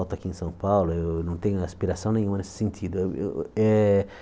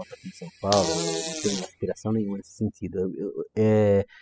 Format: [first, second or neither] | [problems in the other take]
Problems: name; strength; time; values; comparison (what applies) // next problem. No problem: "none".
first | noise reduction (classical method spectral subtraction)